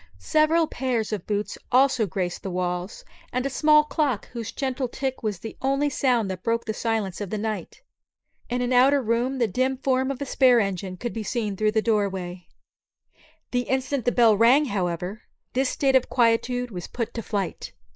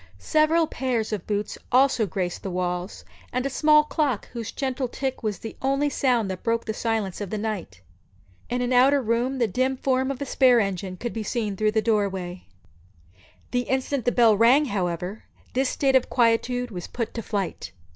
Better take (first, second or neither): second